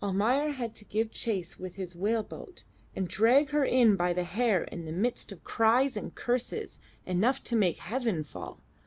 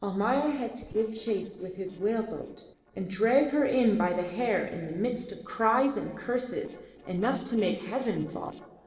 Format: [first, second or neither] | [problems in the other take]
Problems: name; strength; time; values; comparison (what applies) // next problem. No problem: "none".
first | noise reduction (neural separator model SepFormer DNS4)